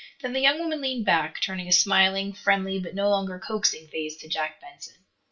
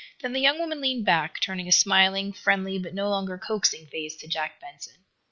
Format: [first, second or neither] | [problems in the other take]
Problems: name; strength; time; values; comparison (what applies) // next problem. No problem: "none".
second | room echo; dies away in 0.2 s